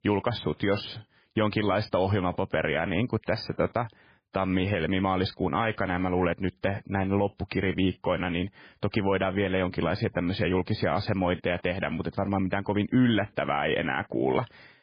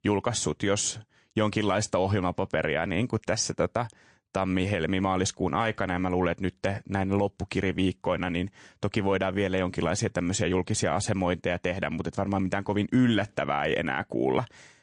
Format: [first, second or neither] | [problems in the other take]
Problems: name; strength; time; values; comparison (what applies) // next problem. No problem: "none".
second | garbled, watery; badly; nothing above 5 kHz; slightly in the second